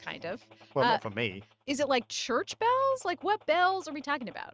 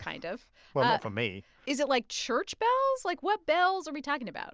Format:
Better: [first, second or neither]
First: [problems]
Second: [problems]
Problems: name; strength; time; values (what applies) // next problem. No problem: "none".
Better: second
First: noise reduction (neural mask model RNNoise)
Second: none